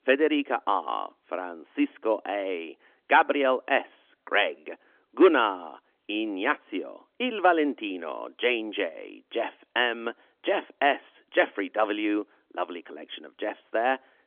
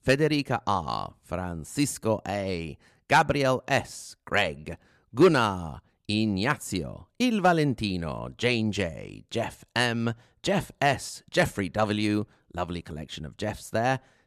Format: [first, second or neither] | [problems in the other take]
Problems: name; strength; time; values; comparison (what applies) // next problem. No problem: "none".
second | phone-call audio; nothing above 3.5 kHz